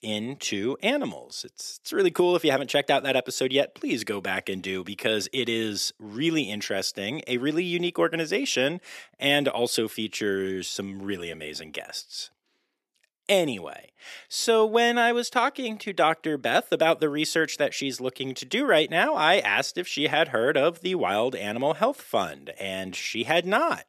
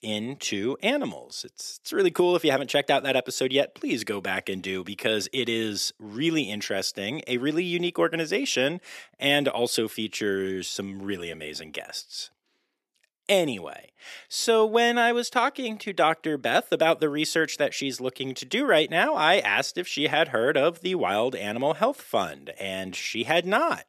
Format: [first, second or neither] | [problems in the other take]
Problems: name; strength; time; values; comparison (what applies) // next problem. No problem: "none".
neither | thin; somewhat; fading below 400 Hz; the same in both